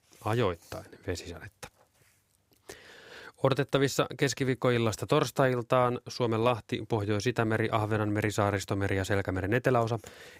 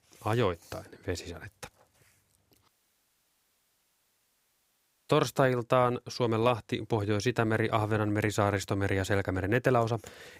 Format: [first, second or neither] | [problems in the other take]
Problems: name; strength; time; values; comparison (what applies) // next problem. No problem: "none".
first | audio cutting out; at 2.5 s for 2.5 s